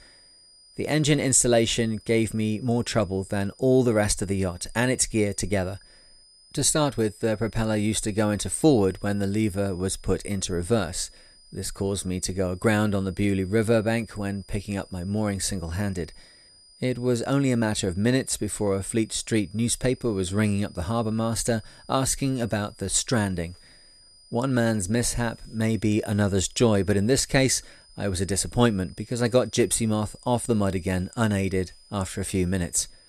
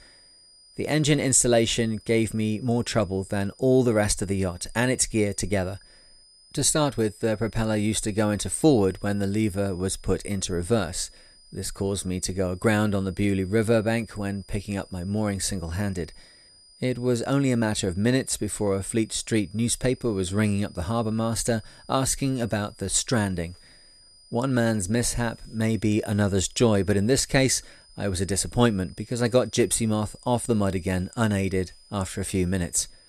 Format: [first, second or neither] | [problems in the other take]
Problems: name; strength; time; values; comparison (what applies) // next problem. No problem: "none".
neither | high-pitched whine; faint; throughout; 5 kHz, 25 dB below the speech; the same in both